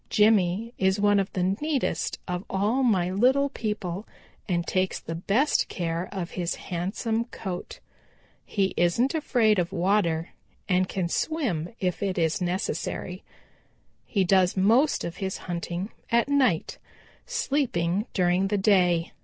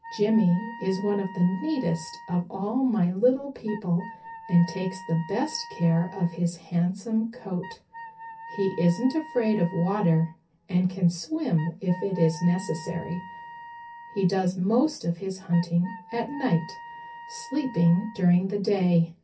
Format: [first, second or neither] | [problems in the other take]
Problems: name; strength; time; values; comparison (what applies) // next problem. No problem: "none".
first | background sound (Wind instrument, woodwind instrument); 17 dB below the speech // room echo; dies away in 0.3 s